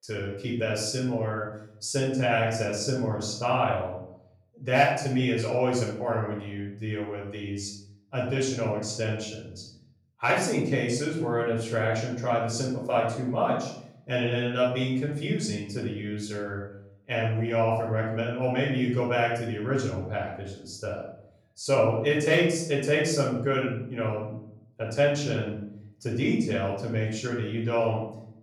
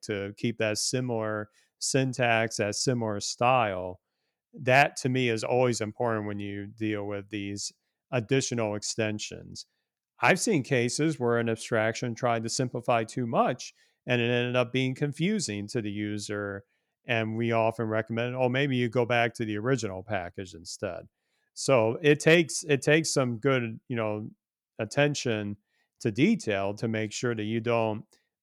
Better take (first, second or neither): second